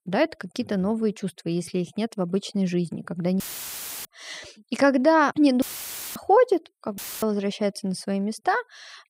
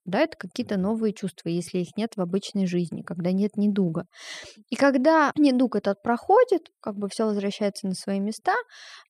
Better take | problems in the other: second | audio cutting out; filled with static; at 3.5 s for 0.5 s, at 5.5 s for 0.5 s and at 7 s

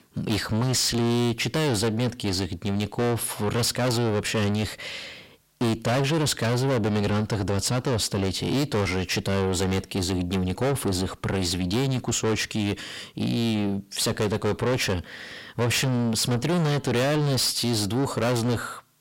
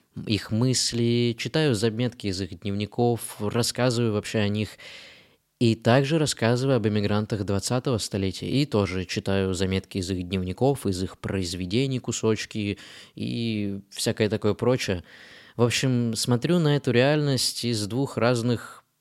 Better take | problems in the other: second | distortion; heavy; 5 dB below the speech

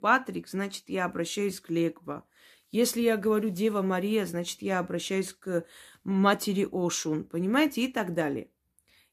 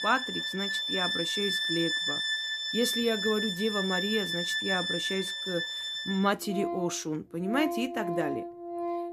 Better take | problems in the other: first | background music; very loud; throughout; 1 dB above the speech

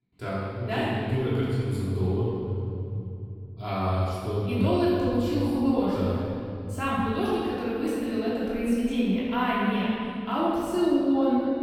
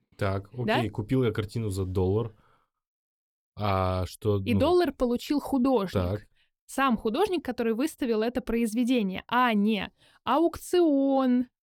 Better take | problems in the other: second | off-mic speech; far // room echo; strong; dies away in 3 s

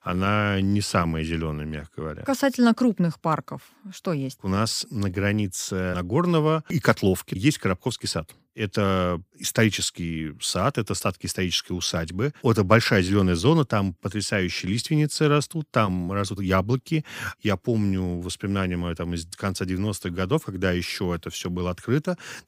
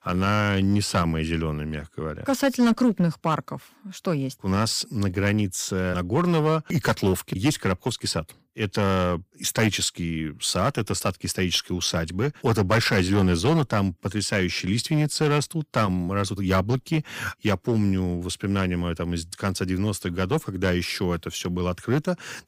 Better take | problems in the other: first | distortion; slight; 3% of the sound clipped

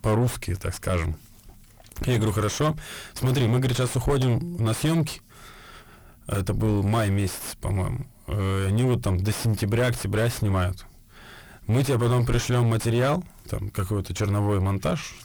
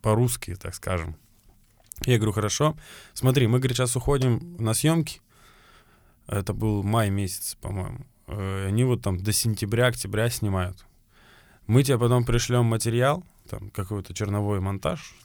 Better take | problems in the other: second | distortion; heavy; 5 dB below the speech

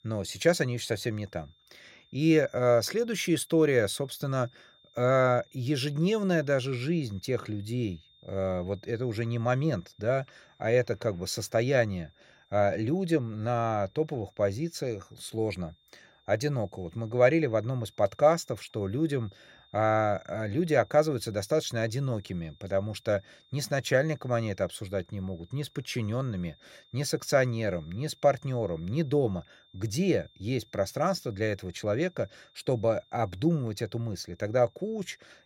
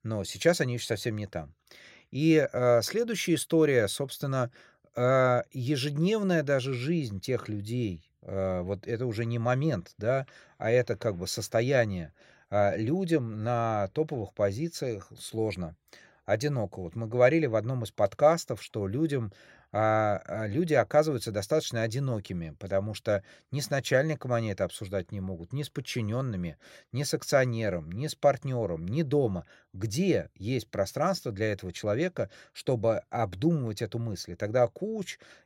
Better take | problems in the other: second | high-pitched whine; faint; throughout; 3.5 kHz, 30 dB below the speech

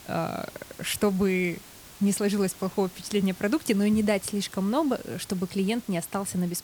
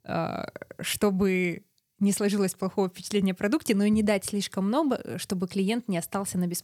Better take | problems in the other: second | hiss; noticeable; throughout; 20 dB below the speech

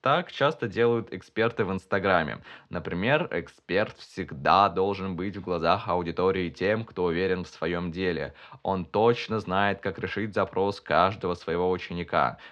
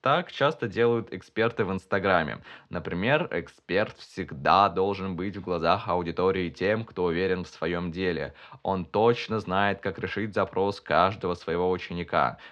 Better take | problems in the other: neither | muffled; slightly; fading above 4.5 kHz; the same in both

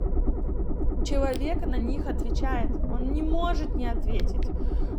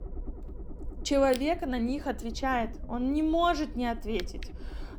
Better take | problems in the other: second | low rumble; loud; throughout; 5 dB below the speech; faint in the second

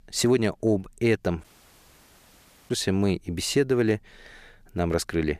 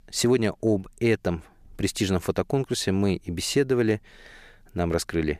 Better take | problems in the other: second | audio cutting out; at 1.5 s for 1.5 s

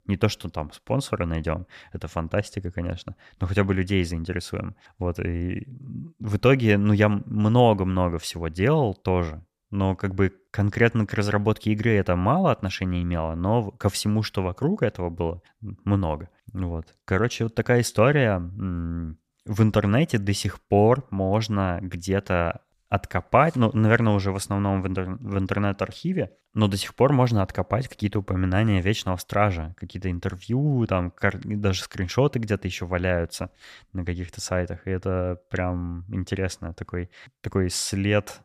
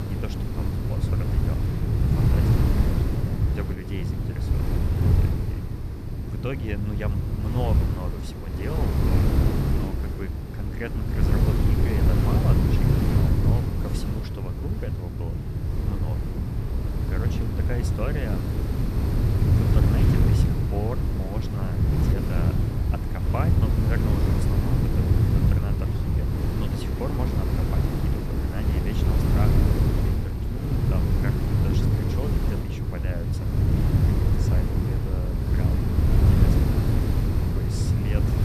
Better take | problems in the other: first | wind noise on the microphone; heavy; 5 dB above the speech

